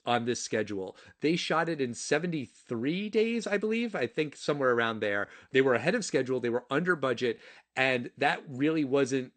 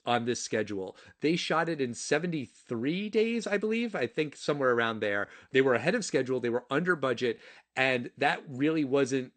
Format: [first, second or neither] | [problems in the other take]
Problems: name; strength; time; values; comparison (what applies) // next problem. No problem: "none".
neither | garbled, watery; slightly; nothing above 8.5 kHz; the same in both